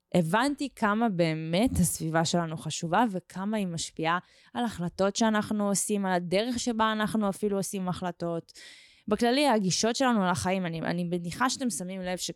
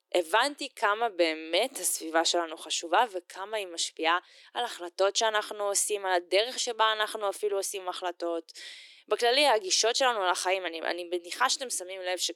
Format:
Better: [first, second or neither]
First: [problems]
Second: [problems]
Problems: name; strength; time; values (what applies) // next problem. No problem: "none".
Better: first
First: none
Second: thin; very; fading below 350 Hz